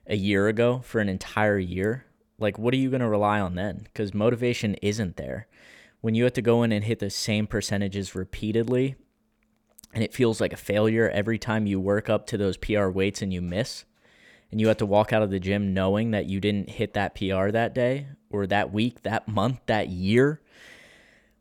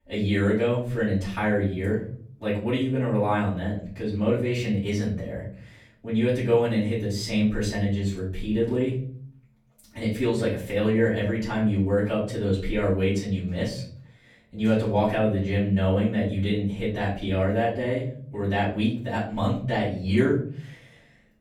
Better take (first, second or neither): first